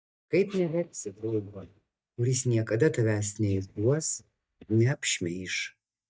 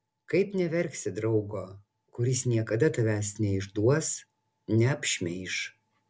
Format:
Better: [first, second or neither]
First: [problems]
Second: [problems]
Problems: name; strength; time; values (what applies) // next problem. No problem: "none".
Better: second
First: noise reduction (neural mask model DeepFilterNet 3)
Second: none